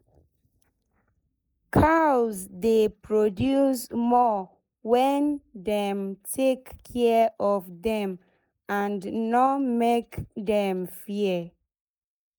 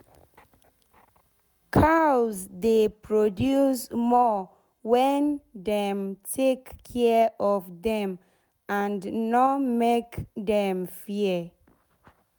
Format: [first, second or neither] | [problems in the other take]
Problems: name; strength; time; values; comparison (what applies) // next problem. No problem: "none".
second | noise reduction (neural mask model Resemble Enhance denoiser)